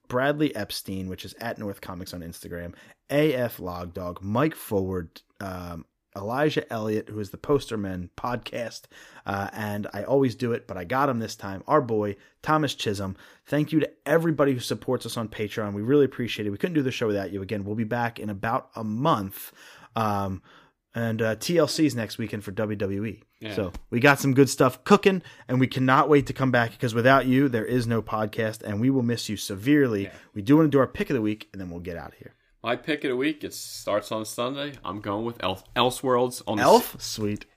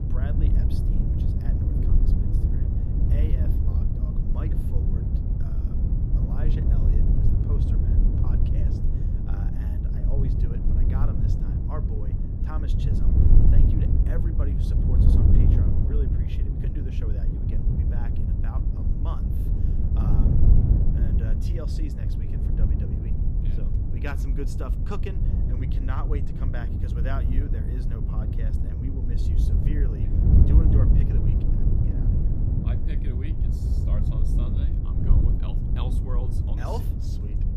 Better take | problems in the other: first | wind noise on the microphone; heavy; 4 dB above the speech

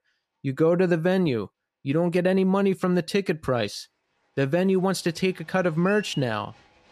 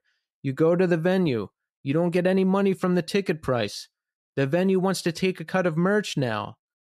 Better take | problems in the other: second | crowd noise; faint; throughout; 20 dB below the speech

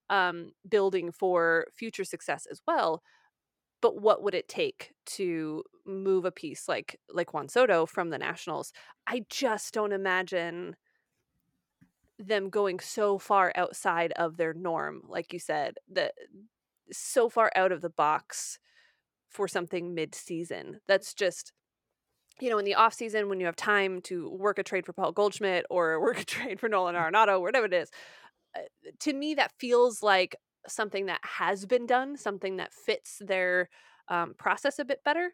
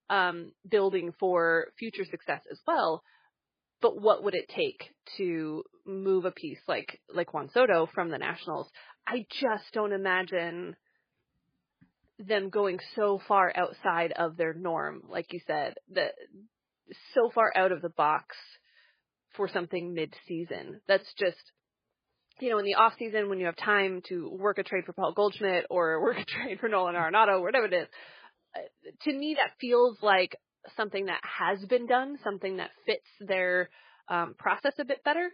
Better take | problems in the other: first | garbled, watery; badly; nothing above 4.5 kHz

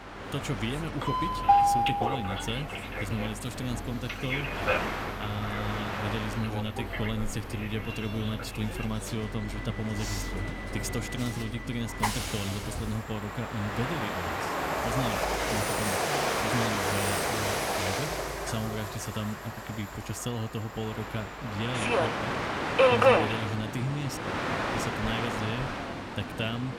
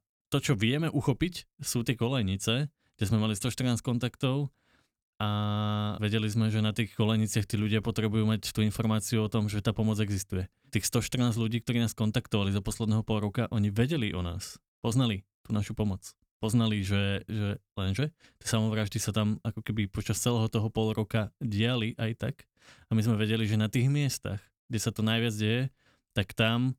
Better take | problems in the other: second | train or aircraft noise; very loud; throughout; 5 dB above the speech

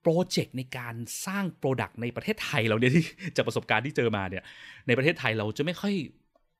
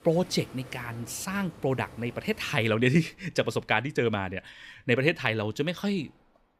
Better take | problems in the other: first | rain or running water; faint; throughout; 20 dB below the speech

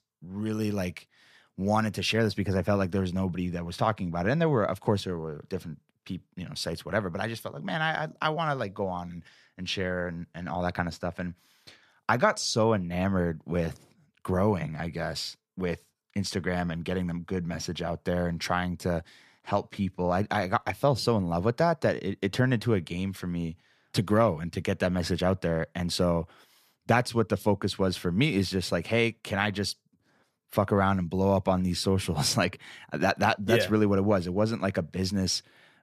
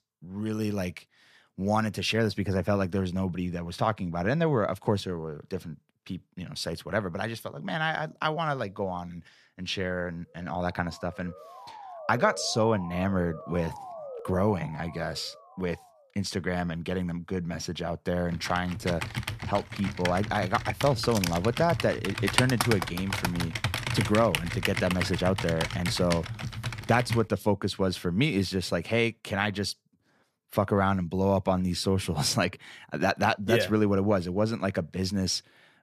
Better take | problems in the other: first | siren; faint; from 10 to 16 s; peak 10 dB below the speech // keyboard typing; loud; from 18 to 27 s; peak 2 dB above the speech

